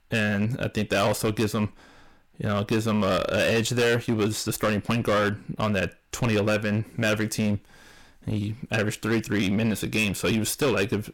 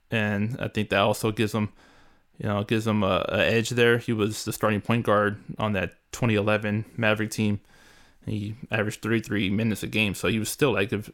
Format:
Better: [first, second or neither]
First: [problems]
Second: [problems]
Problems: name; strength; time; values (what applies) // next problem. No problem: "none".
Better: second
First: distortion; heavy; 12% of the sound clipped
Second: none